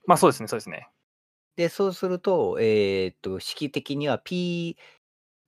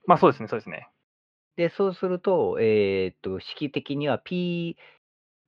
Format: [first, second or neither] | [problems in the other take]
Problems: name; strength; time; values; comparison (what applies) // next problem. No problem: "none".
first | muffled; slightly; fading above 3.5 kHz